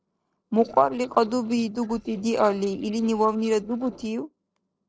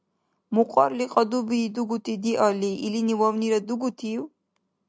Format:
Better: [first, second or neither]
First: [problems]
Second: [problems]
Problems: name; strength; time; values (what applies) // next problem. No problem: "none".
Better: second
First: noise reduction (neural separator model SepFormer DNS4)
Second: none